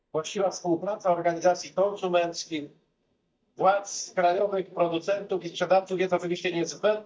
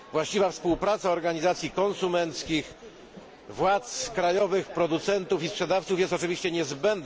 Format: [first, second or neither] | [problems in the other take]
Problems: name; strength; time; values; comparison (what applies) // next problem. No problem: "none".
second | noise reduction (neural mask model DeepFilterNet 3)